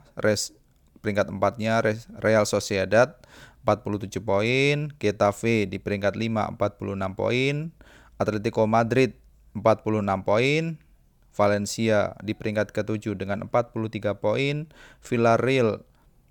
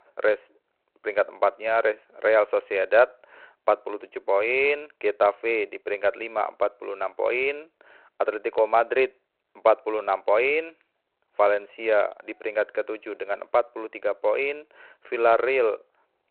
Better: first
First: none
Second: phone-call audio; nothing above 4 kHz

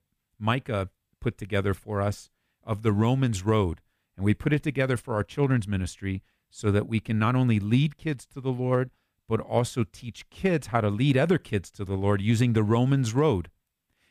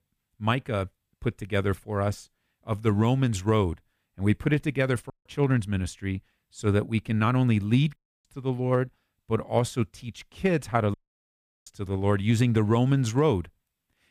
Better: first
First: none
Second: audio cutting out; at 5 s, at 8 s and at 11 s for 0.5 s

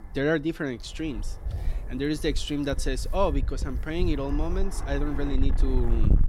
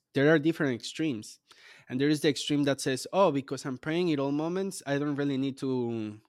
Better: second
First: wind noise on the microphone; occasional gusts; 15 dB below the speech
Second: none

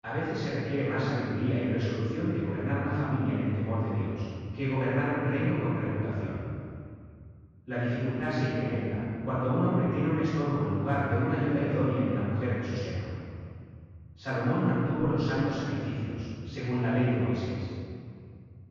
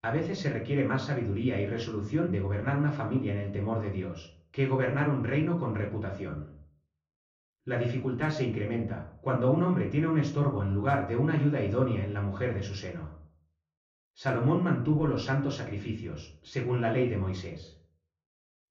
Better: second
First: room echo; strong; dies away in 2.4 s // off-mic speech; far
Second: room echo; slight; dies away in 0.4 s // off-mic speech; far

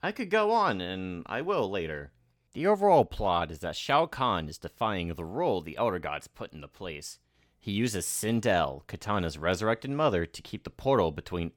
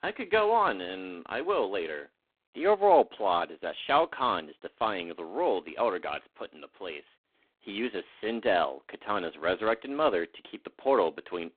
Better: first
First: none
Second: phone-call audio; poor line

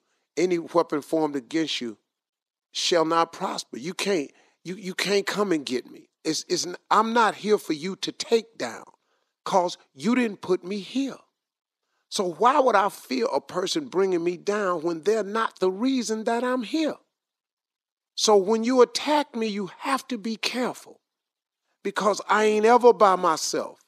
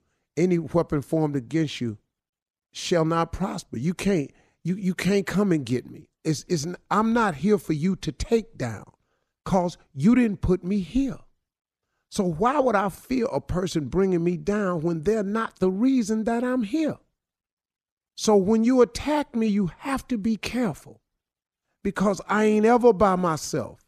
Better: second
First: thin; somewhat; fading below 300 Hz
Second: none

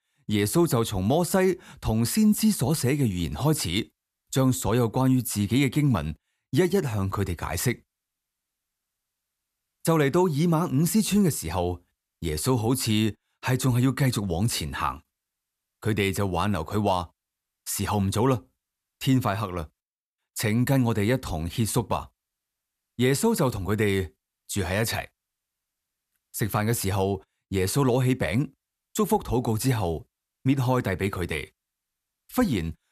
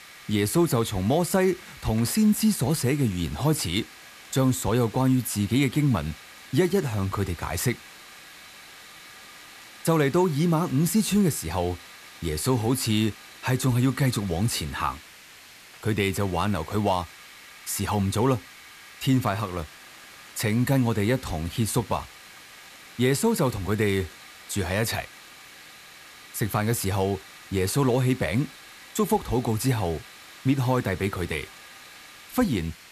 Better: first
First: none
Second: hiss; noticeable; throughout; 20 dB below the speech

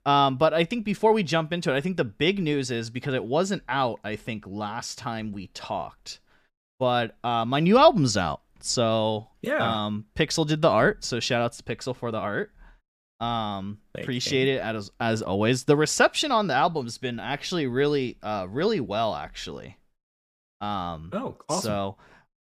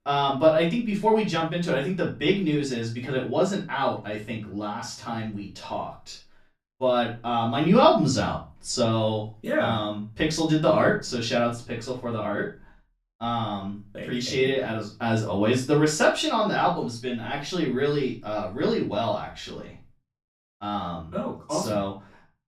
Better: first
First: none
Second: off-mic speech; far // room echo; slight; dies away in 0.3 s

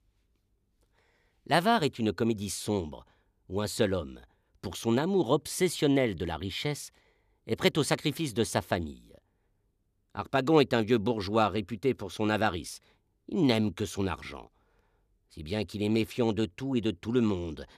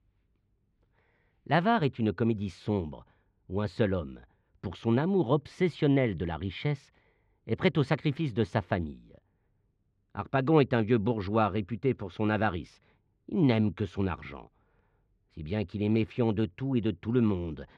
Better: first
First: none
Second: muffled; slightly; fading above 2 kHz

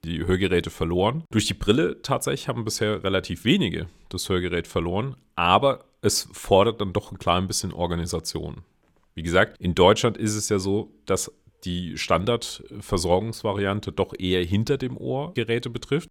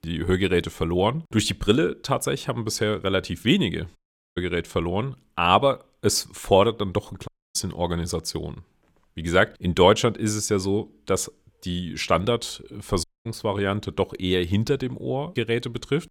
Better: first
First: none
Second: audio cutting out; at 4 s, at 7.5 s and at 13 s

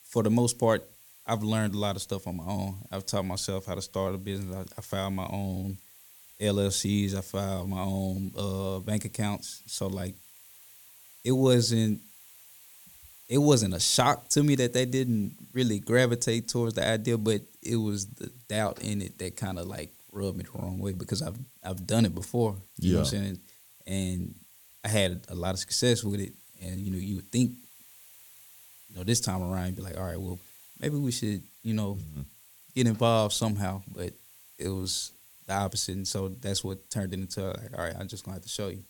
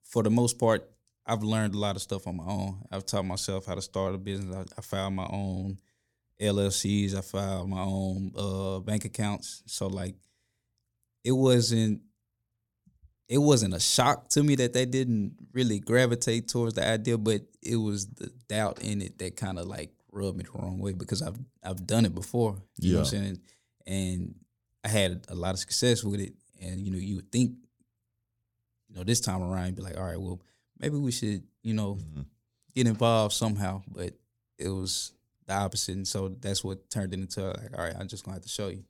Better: second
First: hiss; faint; throughout; 20 dB below the speech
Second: none

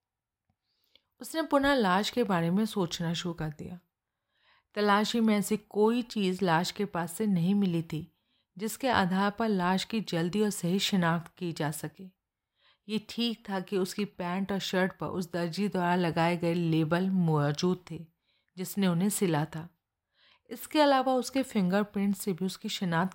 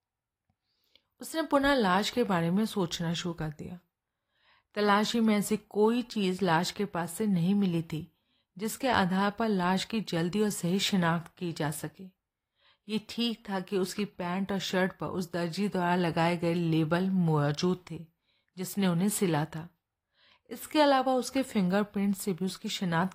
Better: first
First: none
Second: garbled, watery; slightly; nothing above 15 kHz

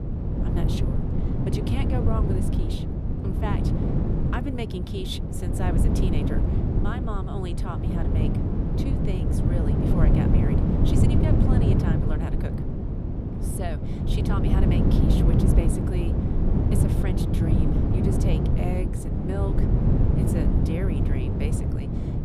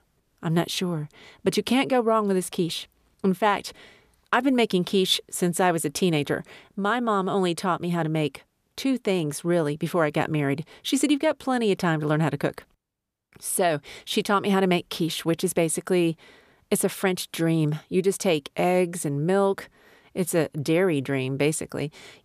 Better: second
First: wind noise on the microphone; heavy; 4 dB above the speech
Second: none

